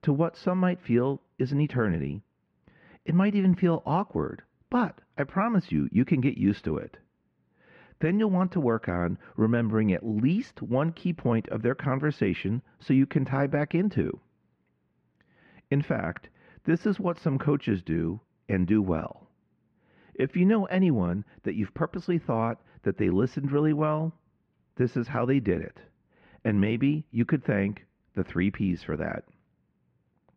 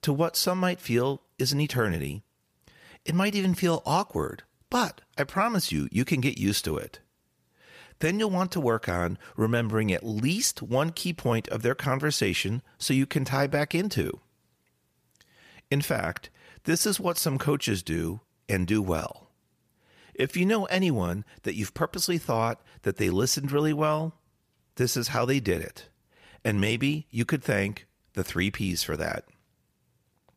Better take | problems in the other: second | muffled; very; fading above 2 kHz

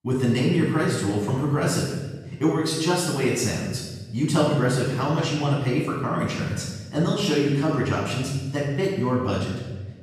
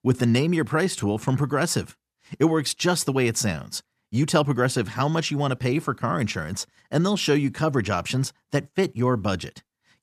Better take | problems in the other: second | off-mic speech; far // room echo; noticeable; dies away in 1.2 s

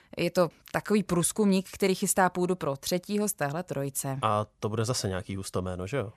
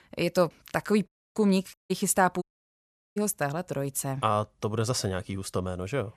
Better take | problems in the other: first | audio cutting out; at 1 s, at 1.5 s and at 2.5 s for 0.5 s

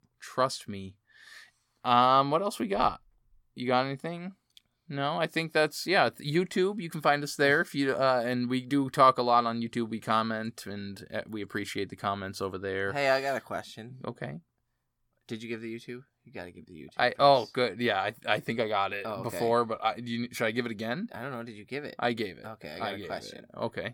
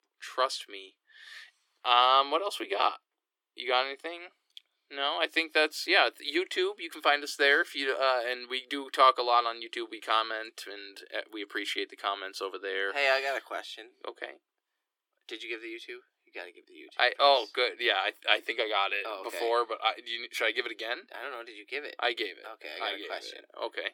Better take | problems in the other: first | thin; very; fading below 300 Hz

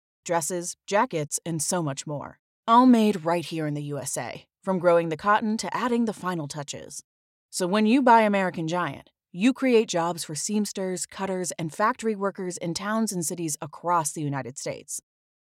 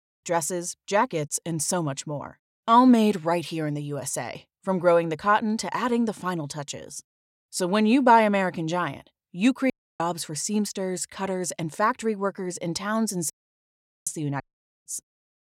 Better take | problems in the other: first | audio cutting out; at 9.5 s, at 13 s for 1 s and at 14 s

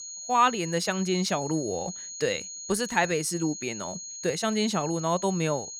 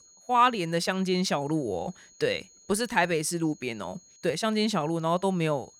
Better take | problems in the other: second | high-pitched whine; loud; throughout; 6.5 kHz, 9 dB below the speech; faint in the second

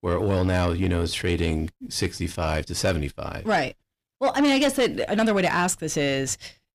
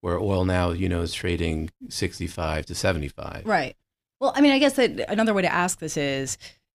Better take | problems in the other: second | distortion; slight; 10 dB below the speech

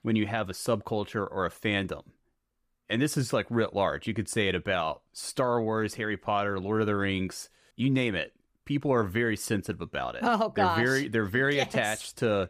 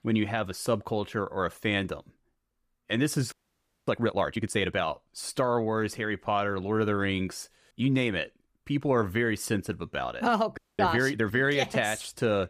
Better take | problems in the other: first | audio freezing; at 3.5 s for 0.5 s and at 11 s

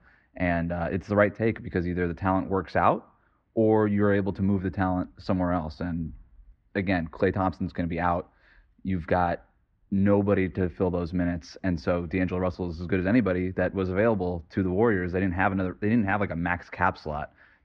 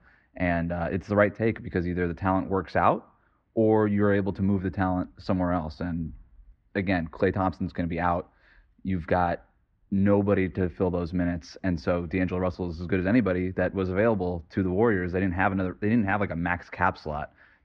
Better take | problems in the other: neither | muffled; slightly; fading above 2 kHz; the same in both

